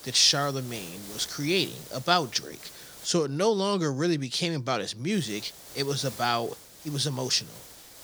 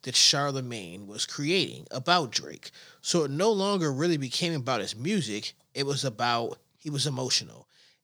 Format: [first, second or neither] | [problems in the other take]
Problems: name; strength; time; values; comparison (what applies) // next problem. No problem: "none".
second | hiss; noticeable; until 3 s and from 5 s on; 15 dB below the speech